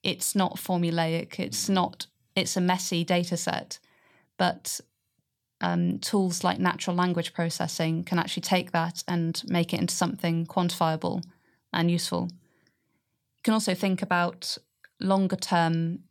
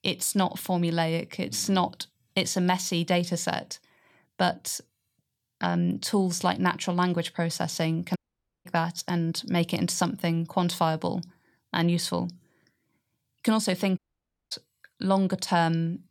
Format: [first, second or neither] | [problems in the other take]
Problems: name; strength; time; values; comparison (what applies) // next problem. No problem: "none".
first | audio cutting out; at 8 s and at 14 s for 0.5 s